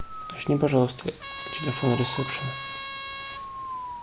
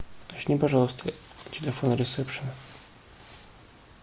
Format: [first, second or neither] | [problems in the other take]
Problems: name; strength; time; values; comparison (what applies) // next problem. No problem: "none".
second | background sound (Trumpet + Breathing); 8 dB below the speech